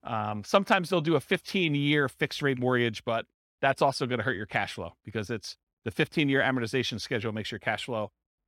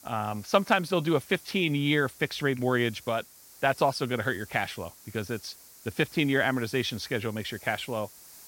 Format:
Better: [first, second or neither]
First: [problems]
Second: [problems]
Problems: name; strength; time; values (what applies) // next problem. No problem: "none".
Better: first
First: none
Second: hiss; faint; throughout; 20 dB below the speech